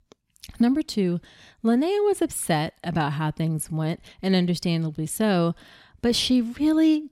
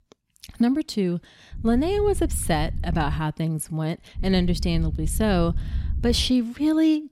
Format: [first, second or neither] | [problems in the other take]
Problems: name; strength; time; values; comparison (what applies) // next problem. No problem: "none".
first | low rumble; faint; from 1.5 to 3 s and from 4 to 6.5 s; 20 dB below the speech